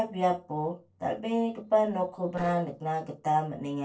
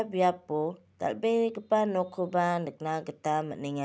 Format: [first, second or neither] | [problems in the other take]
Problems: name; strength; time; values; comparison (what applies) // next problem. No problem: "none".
second | noise reduction (neural separator model SepFormer DNS4)